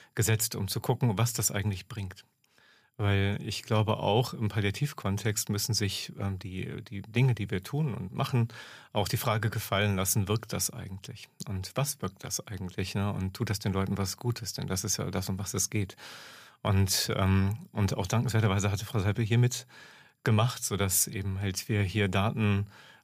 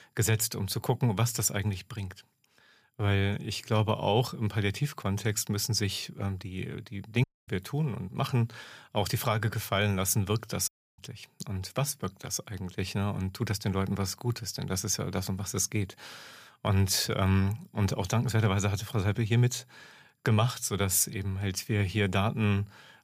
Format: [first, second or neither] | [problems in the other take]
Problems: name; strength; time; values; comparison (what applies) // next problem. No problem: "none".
first | audio cutting out; at 7 s and at 11 s